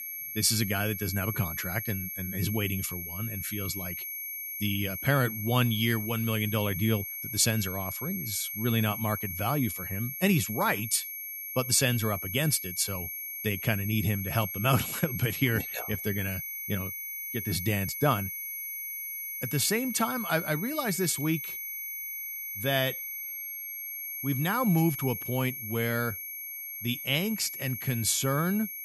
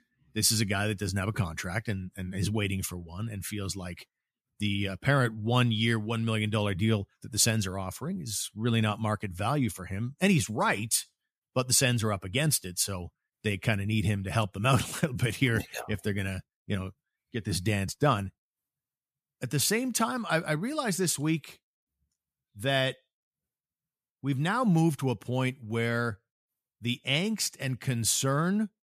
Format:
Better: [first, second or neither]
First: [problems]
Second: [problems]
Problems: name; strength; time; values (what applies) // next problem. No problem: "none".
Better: second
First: high-pitched whine; loud; throughout; 11.5 kHz, 5 dB below the speech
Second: none